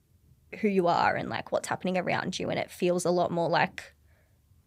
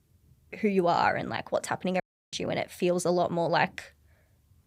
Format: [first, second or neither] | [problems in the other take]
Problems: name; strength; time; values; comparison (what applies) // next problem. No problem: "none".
first | audio cutting out; at 2 s